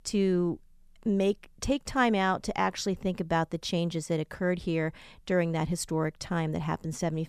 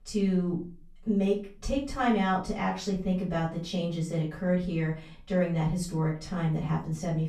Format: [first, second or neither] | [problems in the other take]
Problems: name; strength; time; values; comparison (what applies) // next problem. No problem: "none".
first | room echo; slight; dies away in 0.3 s // off-mic speech; far